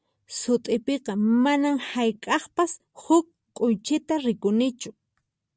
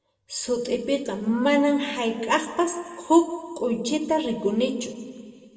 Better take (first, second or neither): first